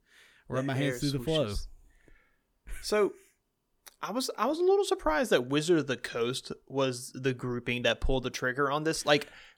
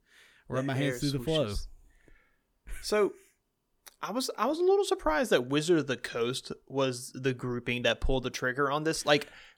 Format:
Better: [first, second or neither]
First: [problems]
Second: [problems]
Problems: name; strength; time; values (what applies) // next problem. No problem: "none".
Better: neither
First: none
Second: none